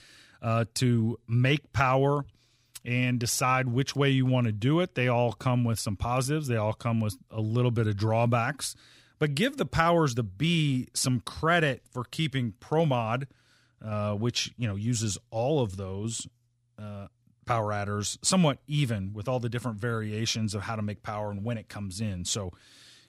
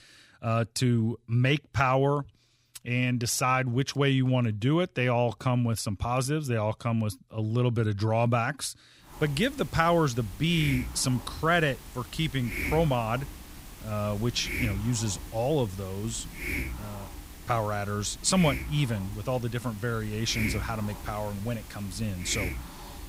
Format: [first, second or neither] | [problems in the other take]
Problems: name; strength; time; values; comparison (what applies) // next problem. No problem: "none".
first | hiss; noticeable; from 9 s on; 10 dB below the speech